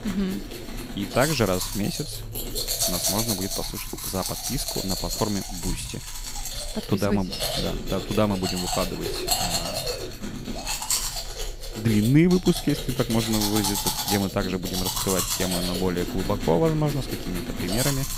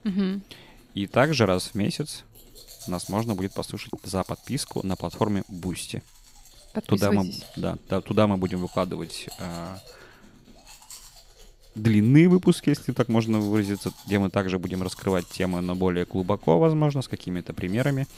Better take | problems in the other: second | household noises; loud; throughout; 2 dB below the speech; faint in the second

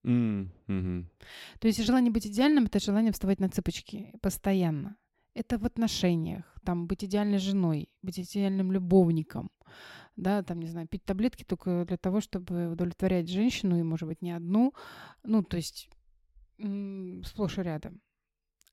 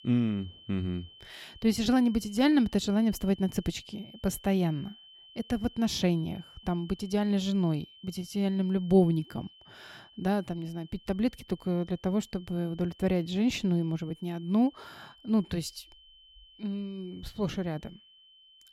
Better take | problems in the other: first | high-pitched whine; faint; throughout; 3 kHz, 25 dB below the speech

